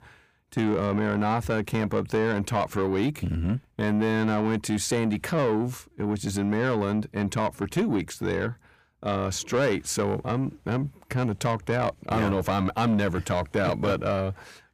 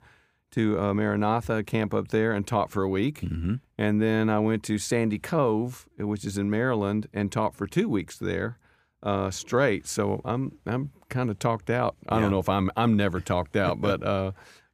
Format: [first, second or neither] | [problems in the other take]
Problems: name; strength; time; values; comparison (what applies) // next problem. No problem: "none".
second | distortion; slight; 9 dB below the speech